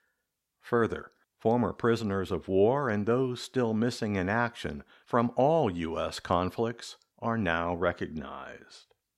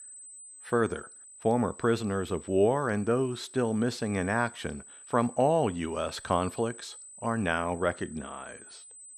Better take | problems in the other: first | high-pitched whine; noticeable; throughout; 8 kHz, 15 dB below the speech

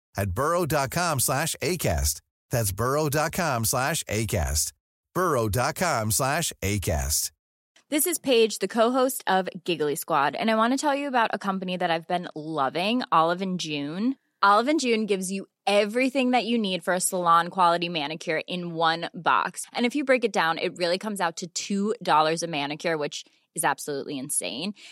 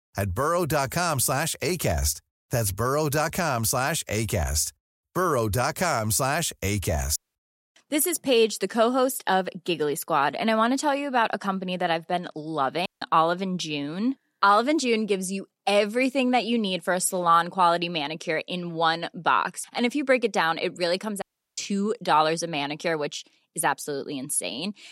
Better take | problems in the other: first | audio cutting out; at 7 s, at 13 s and at 21 s

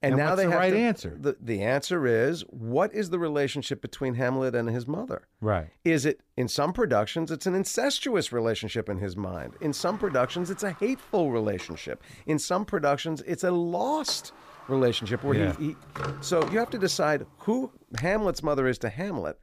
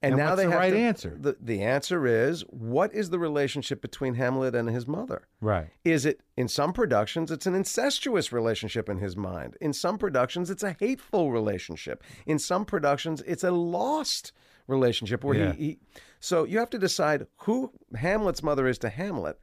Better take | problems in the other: second | door banging; noticeable; from 10 to 18 s; peak 7 dB below the speech

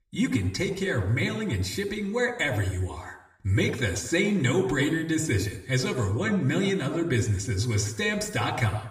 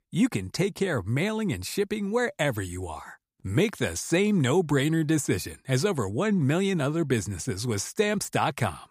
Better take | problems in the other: second | room echo; slight; dies away in 0.7 s // off-mic speech; somewhat distant

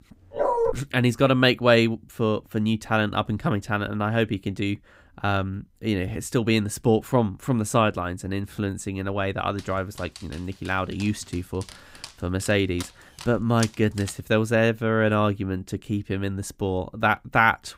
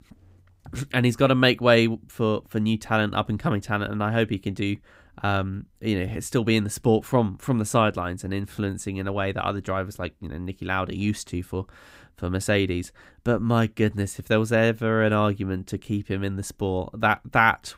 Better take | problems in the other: second | dog barking; loud; at 0.5 s; peak 1 dB above the speech // dog barking; faint; from 9.5 to 14 s; peak 10 dB below the speech

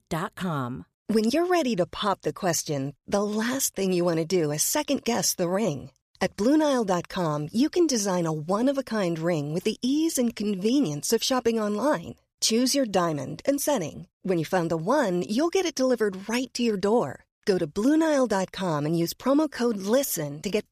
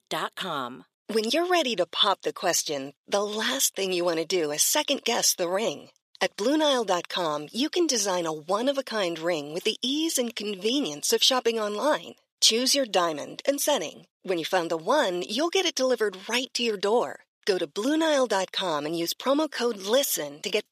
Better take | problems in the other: first | thin; somewhat; fading below 350 Hz

